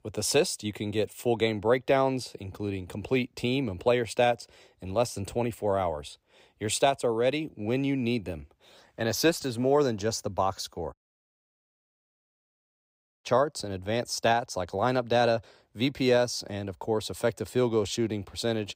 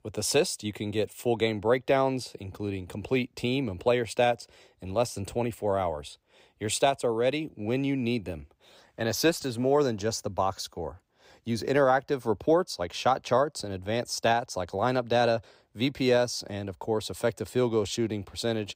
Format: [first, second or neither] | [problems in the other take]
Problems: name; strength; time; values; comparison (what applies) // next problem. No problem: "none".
second | audio cutting out; at 11 s for 2.5 s